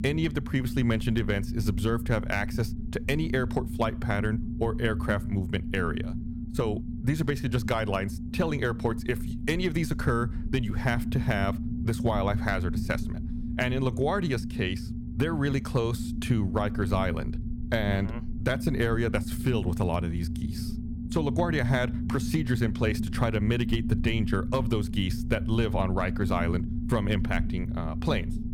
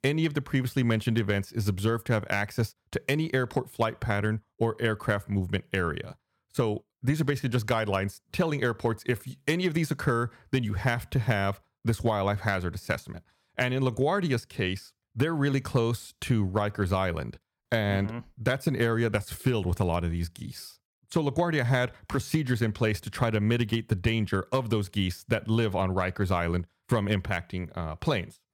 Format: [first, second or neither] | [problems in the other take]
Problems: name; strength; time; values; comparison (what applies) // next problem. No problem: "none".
second | low rumble; noticeable; throughout; 10 dB below the speech